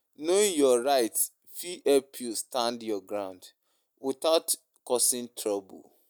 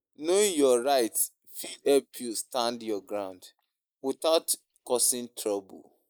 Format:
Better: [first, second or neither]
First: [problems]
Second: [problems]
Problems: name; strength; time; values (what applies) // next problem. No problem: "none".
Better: first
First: none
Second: noise reduction (neural mask model Resemble Enhance denoiser)